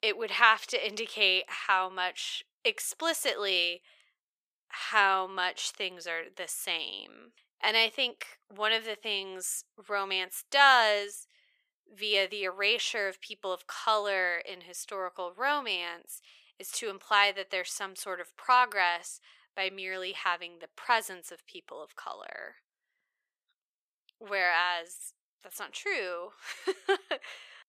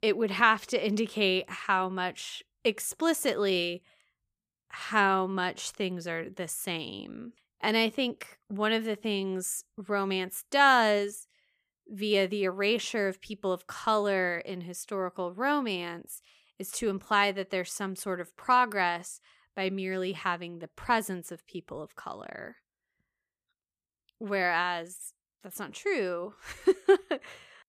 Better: second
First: thin; very; fading below 600 Hz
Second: none

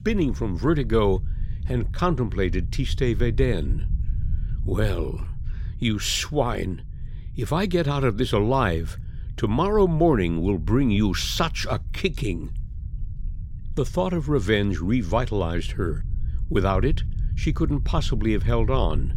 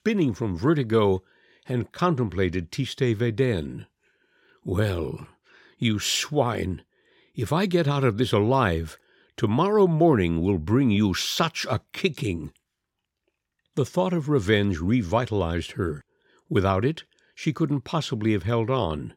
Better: second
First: low rumble; faint; throughout; 20 dB below the speech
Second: none

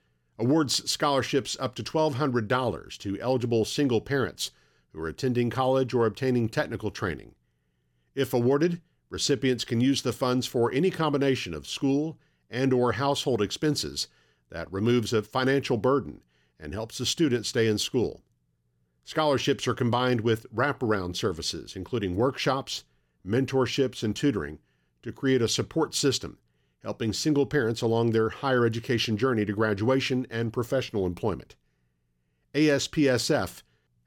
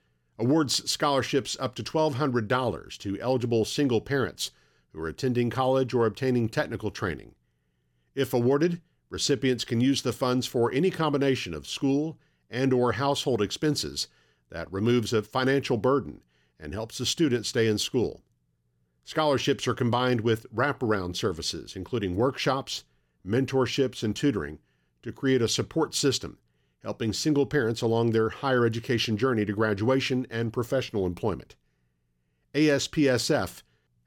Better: neither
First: none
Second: none

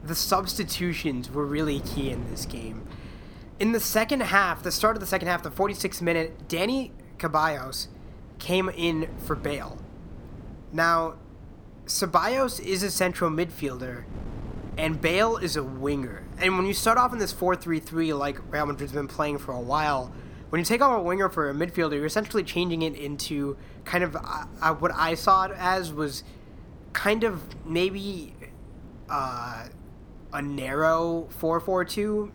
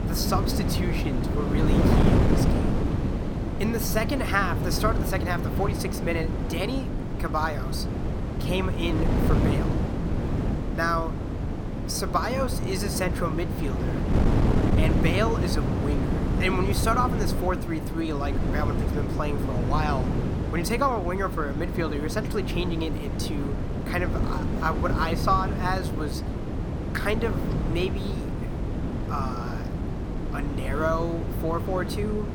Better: first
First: wind noise on the microphone; occasional gusts; 25 dB below the speech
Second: wind noise on the microphone; heavy; 4 dB below the speech

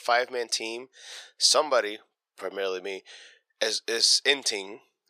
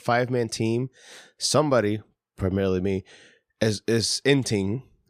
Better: second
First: thin; very; fading below 550 Hz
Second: none

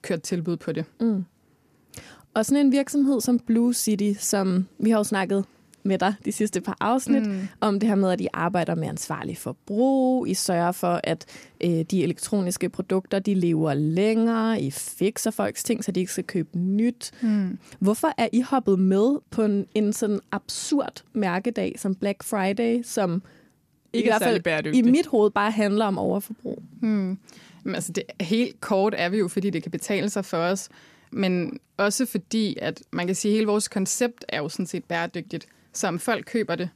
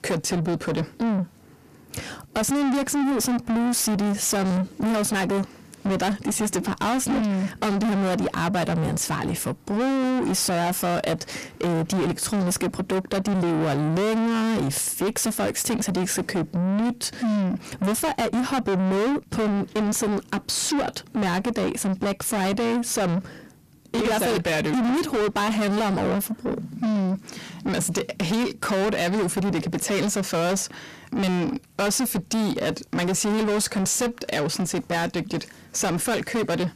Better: first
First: none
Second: distortion; heavy; 6 dB below the speech

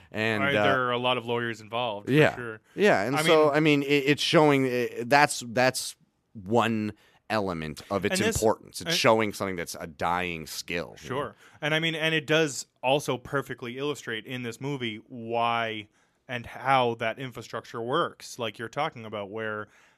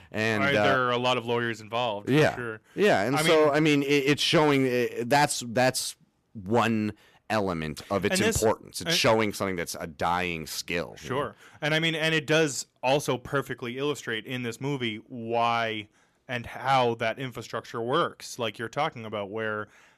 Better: first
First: none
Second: distortion; slight; 10 dB below the speech

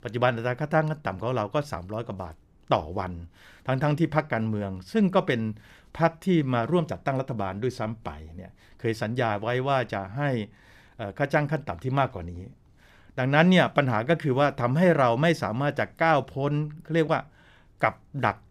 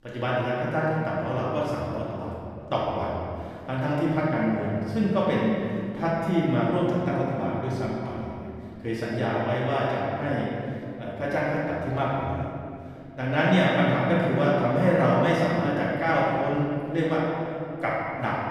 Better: first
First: none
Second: room echo; strong; dies away in 2.4 s // off-mic speech; far

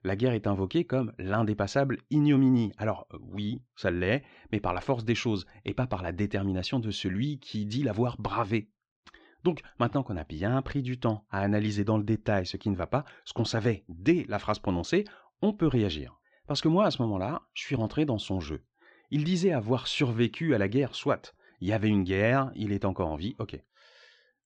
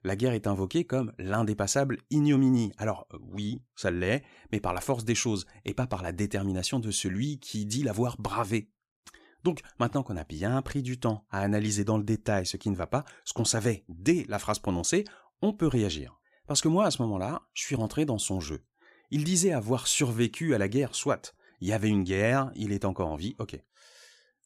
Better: second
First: muffled; slightly; fading above 4.5 kHz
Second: none

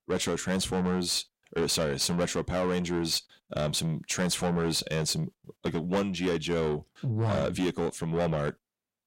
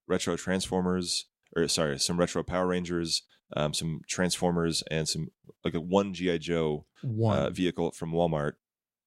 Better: second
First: distortion; heavy; 8 dB below the speech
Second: none

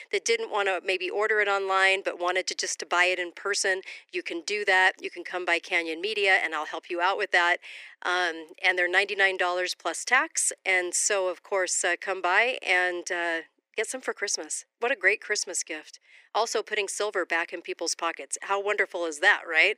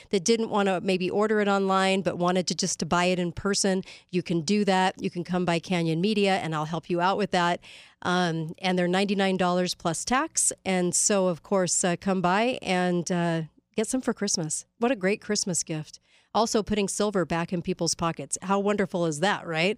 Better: second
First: thin; very; fading below 350 Hz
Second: none

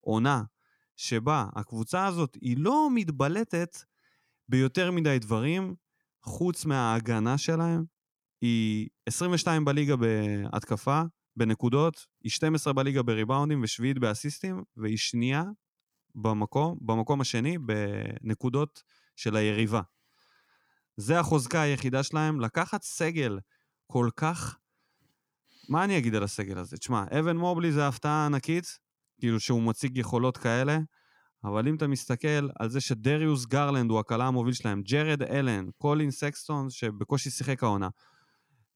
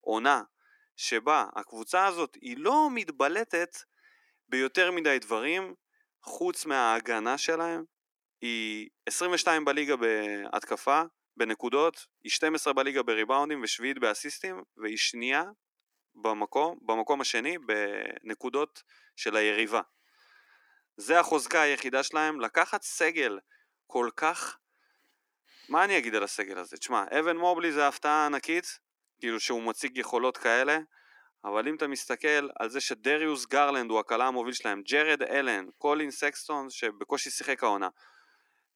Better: first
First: none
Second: thin; very; fading below 300 Hz

